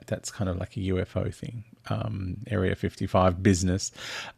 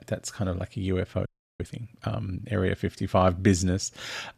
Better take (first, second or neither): first